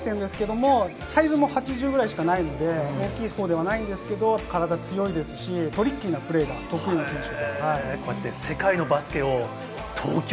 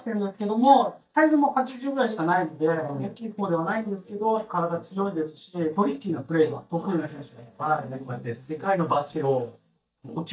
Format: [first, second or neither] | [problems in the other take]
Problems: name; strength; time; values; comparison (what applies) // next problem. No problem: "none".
first | noise reduction (neural mask model DeepFilterNet 3)